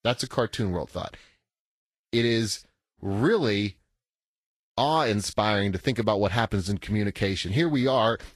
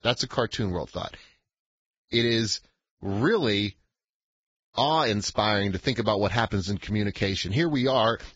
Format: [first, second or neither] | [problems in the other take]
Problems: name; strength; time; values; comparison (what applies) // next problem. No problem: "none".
first | garbled, watery; badly; nothing above 7.5 kHz; slightly in the first